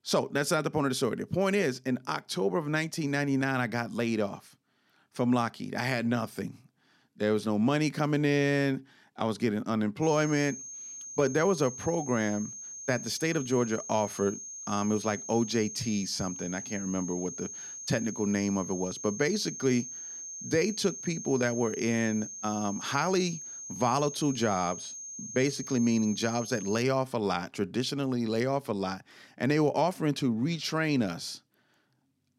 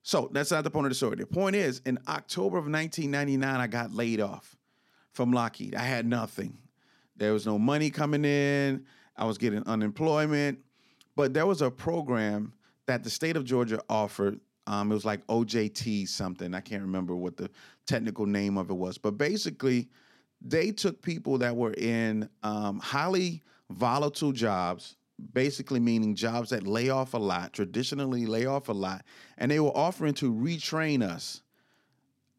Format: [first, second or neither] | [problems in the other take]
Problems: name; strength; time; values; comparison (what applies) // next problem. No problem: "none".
second | high-pitched whine; loud; from 10 to 27 s; 6.5 kHz, 9 dB below the speech